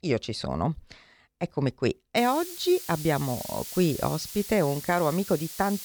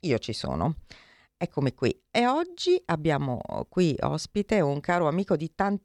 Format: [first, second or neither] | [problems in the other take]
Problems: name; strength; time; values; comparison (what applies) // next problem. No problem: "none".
second | hiss; loud; from 2 s on; 10 dB below the speech